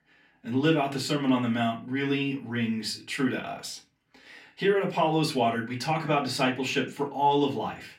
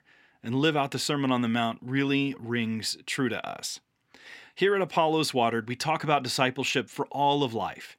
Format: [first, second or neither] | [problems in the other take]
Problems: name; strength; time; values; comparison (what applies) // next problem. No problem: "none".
second | off-mic speech; far // room echo; very slight; dies away in 0.3 s